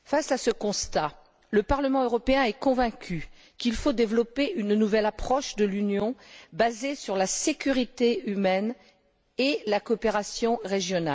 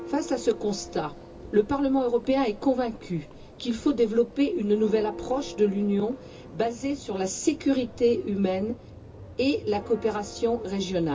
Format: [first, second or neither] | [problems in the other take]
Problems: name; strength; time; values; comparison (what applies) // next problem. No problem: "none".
first | background sound (Church bell); 16 dB below the speech // room echo; dies away in 0.2 s